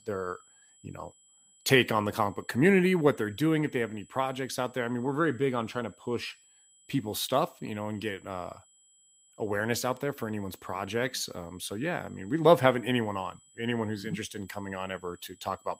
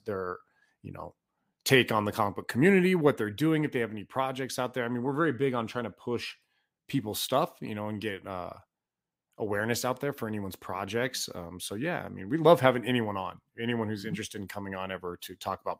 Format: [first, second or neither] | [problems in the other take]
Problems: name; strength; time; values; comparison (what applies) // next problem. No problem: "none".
second | high-pitched whine; faint; throughout; 8 kHz, 30 dB below the speech